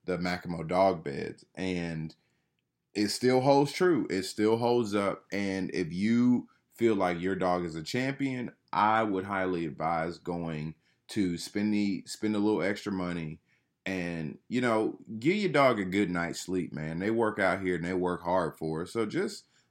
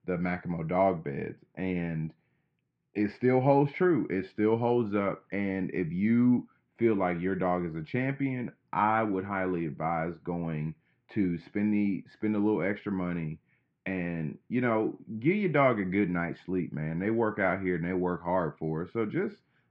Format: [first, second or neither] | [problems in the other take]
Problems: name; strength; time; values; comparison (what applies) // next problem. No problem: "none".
first | muffled; very; fading above 2.5 kHz